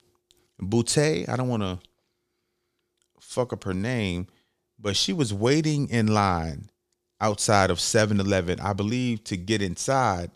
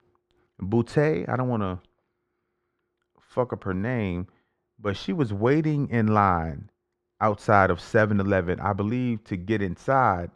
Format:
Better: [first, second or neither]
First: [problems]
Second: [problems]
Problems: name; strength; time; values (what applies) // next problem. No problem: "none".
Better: first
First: none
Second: muffled; very; fading above 3 kHz